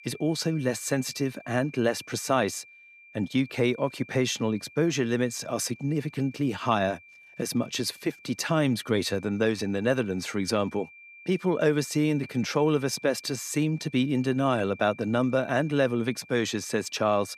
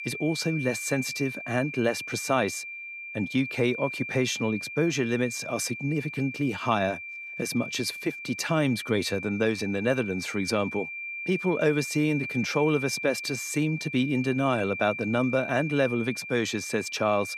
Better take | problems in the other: first | high-pitched whine; loud; throughout; 2.5 kHz, 7 dB below the speech; faint in the first

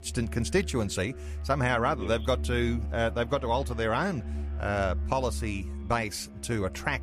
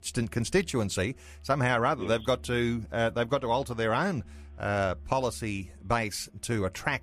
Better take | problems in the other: second | background music; loud; throughout; 8 dB below the speech; faint in the second

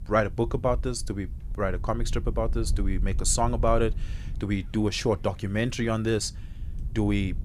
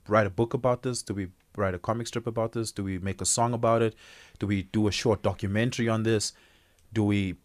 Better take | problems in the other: second | wind noise on the microphone; occasional gusts; 25 dB below the speech

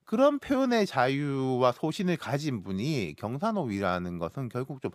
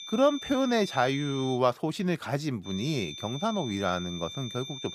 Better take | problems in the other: first | high-pitched whine; loud; until 1.5 s and from 2.5 s on; 3.5 kHz, 10 dB below the speech

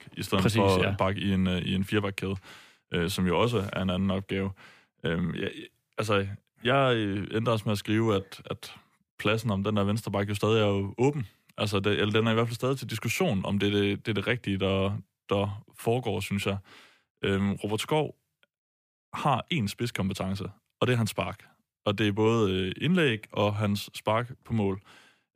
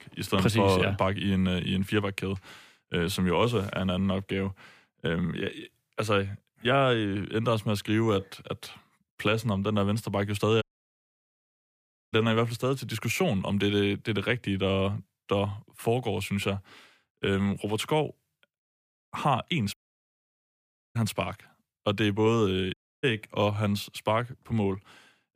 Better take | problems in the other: first | audio cutting out; at 11 s for 1.5 s, at 20 s for 1 s and at 23 s

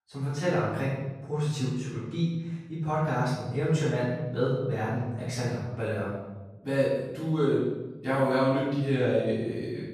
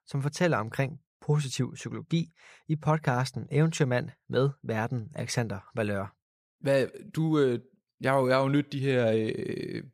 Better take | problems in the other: second | off-mic speech; far // room echo; strong; dies away in 1.1 s

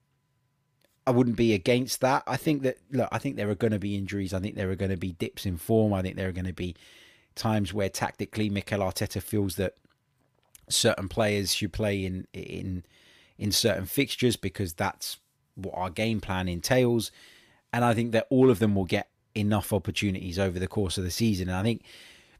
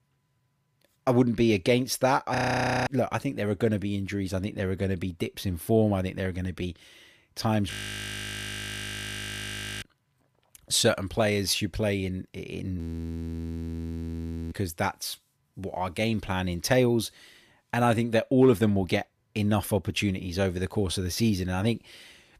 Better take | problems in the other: first | audio freezing; at 2.5 s for 0.5 s, at 7.5 s for 2 s and at 13 s for 1.5 s

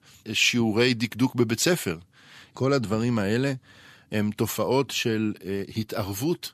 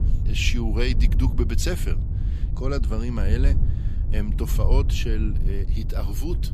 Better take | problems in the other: first | wind noise on the microphone; heavy; 10 dB below the speech

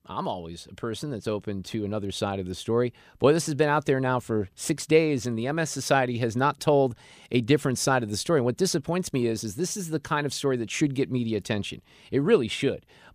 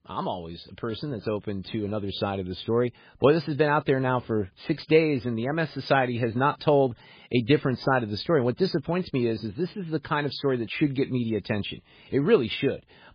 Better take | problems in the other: first | garbled, watery; badly; nothing above 5 kHz

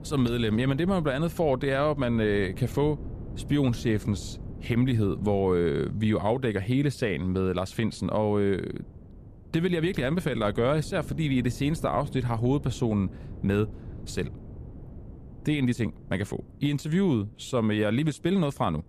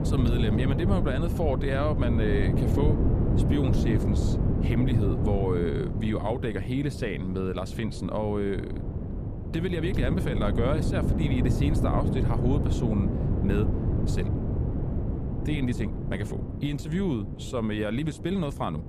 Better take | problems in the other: first | wind noise on the microphone; heavy; 4 dB below the speech; occasional gusts in the first

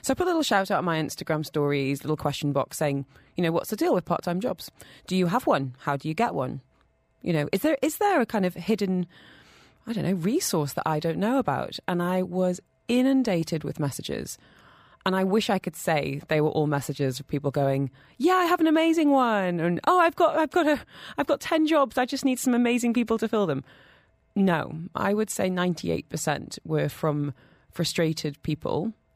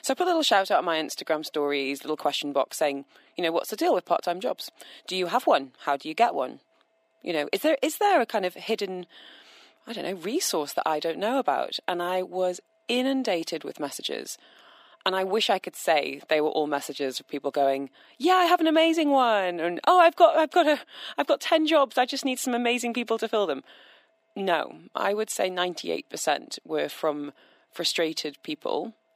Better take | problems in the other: first | thin; somewhat; fading below 300 Hz

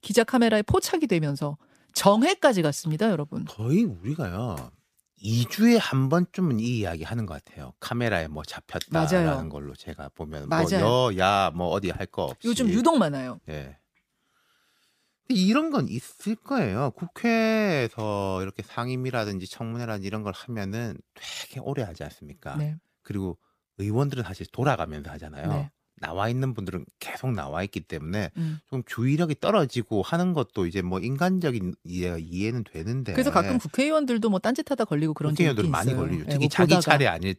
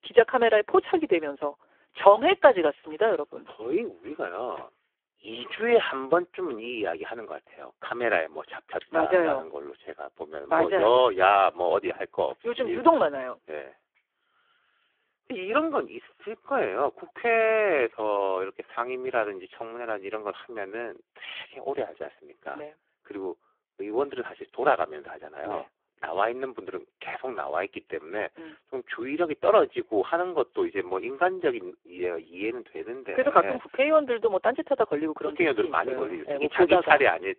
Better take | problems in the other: first | phone-call audio; poor line

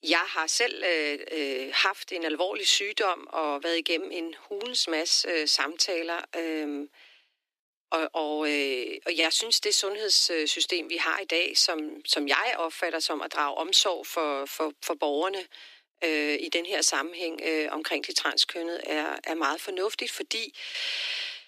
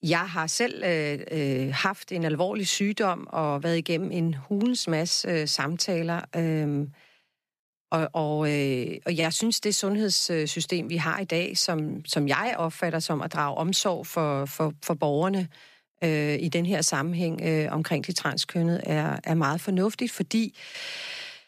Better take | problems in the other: second | thin; somewhat; fading below 300 Hz

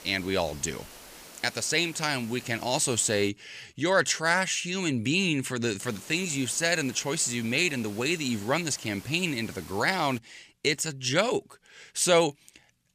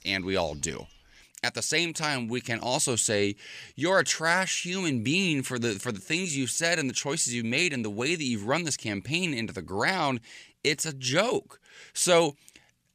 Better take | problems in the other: second | hiss; noticeable; until 3.5 s and from 6 to 10 s; 20 dB below the speech

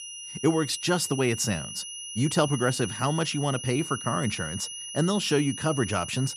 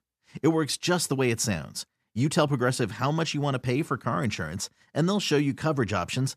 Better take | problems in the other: second | high-pitched whine; loud; throughout; 3 kHz, 8 dB below the speech

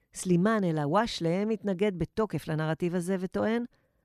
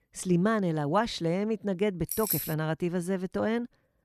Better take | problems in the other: first | jangling keys; noticeable; at 2 s; peak 1 dB below the speech

